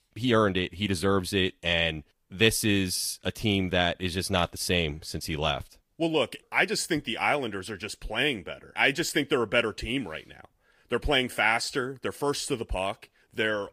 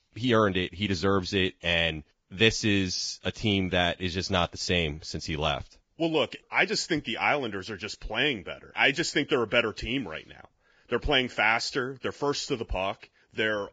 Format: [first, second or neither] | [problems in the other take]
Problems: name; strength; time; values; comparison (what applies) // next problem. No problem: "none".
first | garbled, watery; badly; nothing above 7.5 kHz; slightly in the first